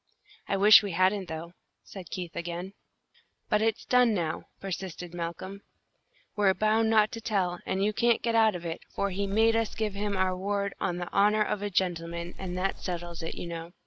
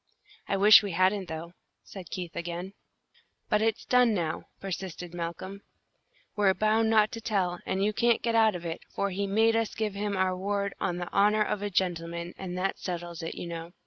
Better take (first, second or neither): second